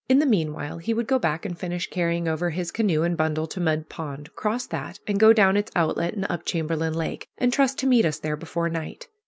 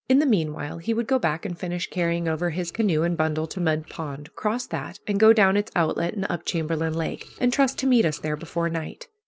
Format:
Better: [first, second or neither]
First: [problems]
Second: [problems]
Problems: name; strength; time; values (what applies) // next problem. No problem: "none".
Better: first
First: none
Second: noise reduction (neural separator model SepFormer DNS4)